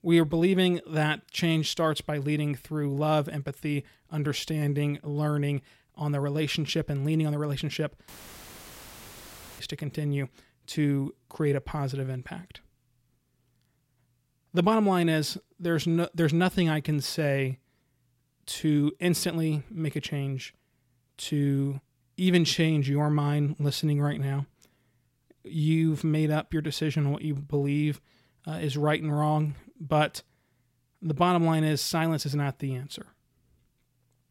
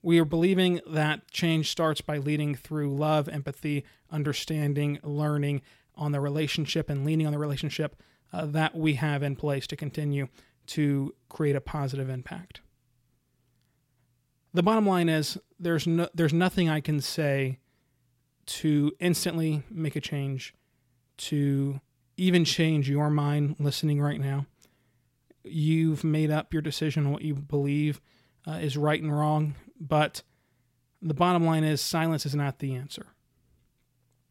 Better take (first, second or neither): second